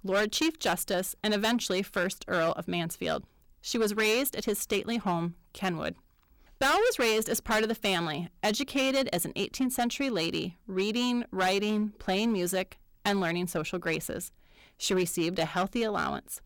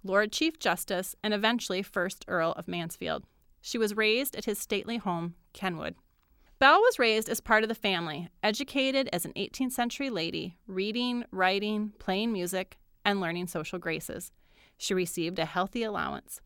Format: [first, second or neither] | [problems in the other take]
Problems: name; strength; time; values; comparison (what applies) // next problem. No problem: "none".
second | distortion; heavy; 8% of the sound clipped